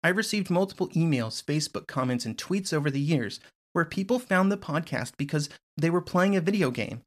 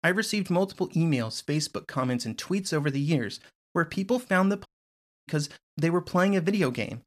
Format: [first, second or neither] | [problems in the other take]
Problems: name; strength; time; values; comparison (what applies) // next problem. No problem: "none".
first | audio cutting out; at 4.5 s for 0.5 s